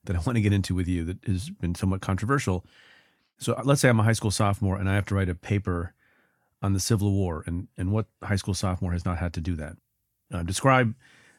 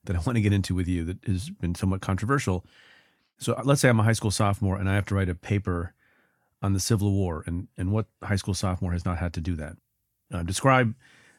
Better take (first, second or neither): neither